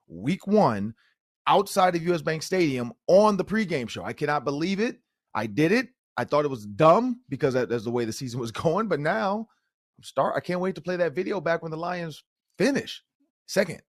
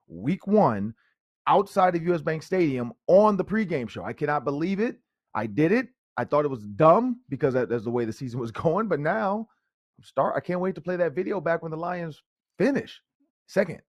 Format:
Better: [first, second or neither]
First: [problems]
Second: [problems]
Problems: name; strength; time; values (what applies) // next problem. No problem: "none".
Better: first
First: none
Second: muffled; slightly; fading above 2.5 kHz